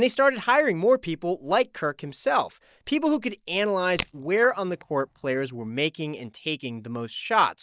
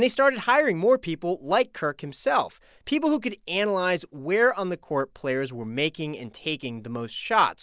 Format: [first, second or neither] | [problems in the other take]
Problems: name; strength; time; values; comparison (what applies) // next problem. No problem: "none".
second | noise reduction (neural mask model DeepFilterNet 3)